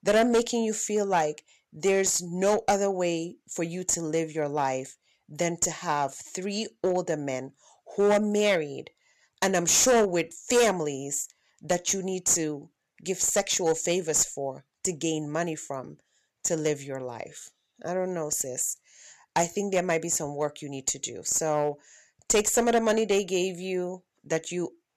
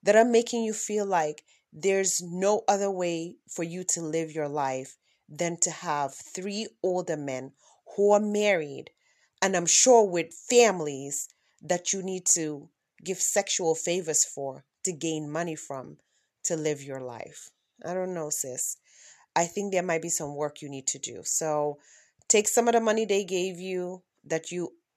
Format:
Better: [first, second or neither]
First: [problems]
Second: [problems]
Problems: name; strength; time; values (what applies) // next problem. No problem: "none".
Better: second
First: distortion; slight; 4% of the sound clipped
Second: none